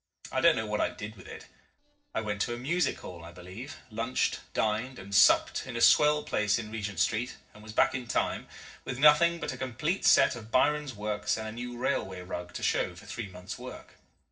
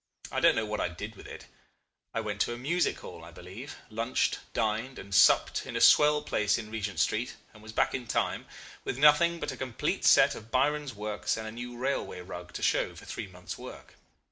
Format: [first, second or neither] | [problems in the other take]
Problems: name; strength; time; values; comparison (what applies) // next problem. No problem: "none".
second | noise reduction (neural separator model SepFormer DNS4)